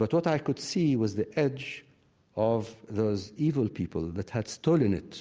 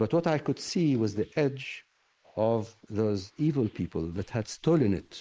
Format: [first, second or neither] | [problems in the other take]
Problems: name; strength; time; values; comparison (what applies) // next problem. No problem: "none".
first | noise reduction (neural mask model Resemble Enhance denoiser)